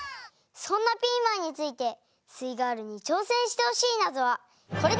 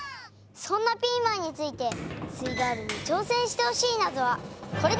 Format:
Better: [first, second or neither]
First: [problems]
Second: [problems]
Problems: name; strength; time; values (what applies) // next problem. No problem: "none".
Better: first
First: none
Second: background sound (Sliding door); 11 dB below the speech